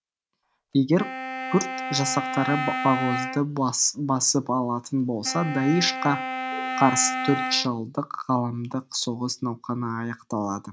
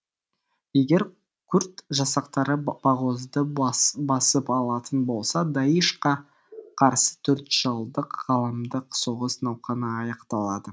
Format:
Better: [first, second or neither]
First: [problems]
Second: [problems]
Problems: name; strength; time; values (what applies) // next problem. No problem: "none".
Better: second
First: background sound (Wind instrument, woodwind instrument); 6 dB below the speech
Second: none